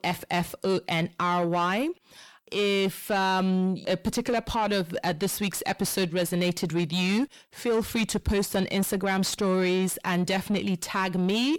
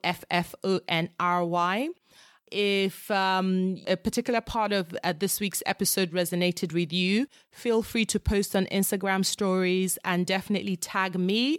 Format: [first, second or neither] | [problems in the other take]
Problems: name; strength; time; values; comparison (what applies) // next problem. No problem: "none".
second | distortion; slight; 10 dB below the speech